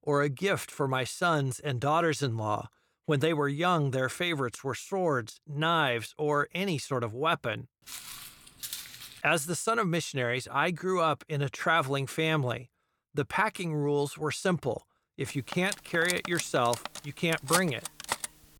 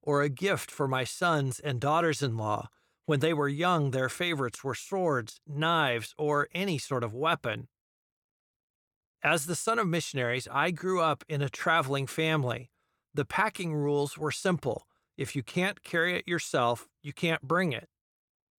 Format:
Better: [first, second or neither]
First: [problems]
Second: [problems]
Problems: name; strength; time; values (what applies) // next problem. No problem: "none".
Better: second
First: footsteps; noticeable; from 8 to 9 s; peak 8 dB below the speech // clattering dishes; noticeable; from 16 s on; peak 1 dB below the speech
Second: none